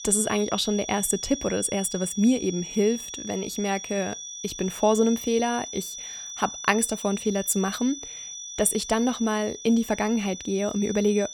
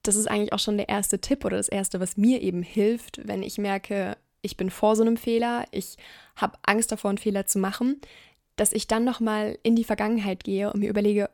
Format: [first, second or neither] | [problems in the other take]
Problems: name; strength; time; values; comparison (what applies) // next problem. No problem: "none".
second | high-pitched whine; loud; throughout; 6 kHz, 10 dB below the speech